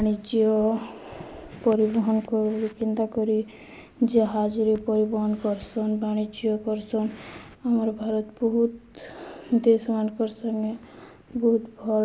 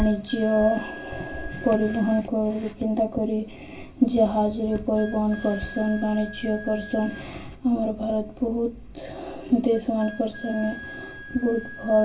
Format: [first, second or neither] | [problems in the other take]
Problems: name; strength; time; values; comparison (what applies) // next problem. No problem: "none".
first | background sound (Wind instrument, woodwind instrument); 18 dB below the speech // room echo; dies away in 0.1 s